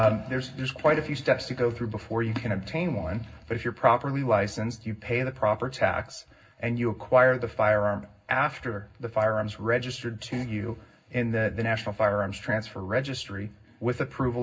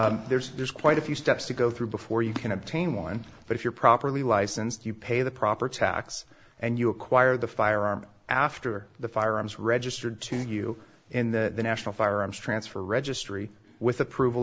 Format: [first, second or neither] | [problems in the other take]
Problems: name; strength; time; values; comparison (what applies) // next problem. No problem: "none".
second | room echo; dies away in 0.4 s